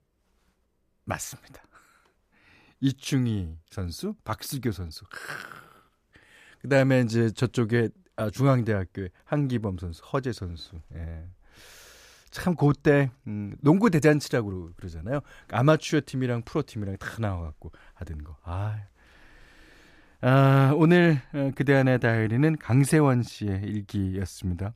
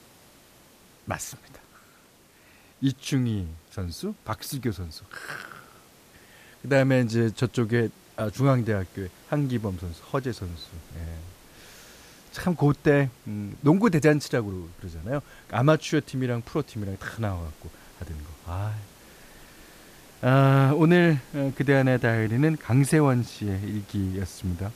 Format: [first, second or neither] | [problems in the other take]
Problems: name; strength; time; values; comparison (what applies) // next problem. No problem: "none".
first | hiss; faint; throughout; 25 dB below the speech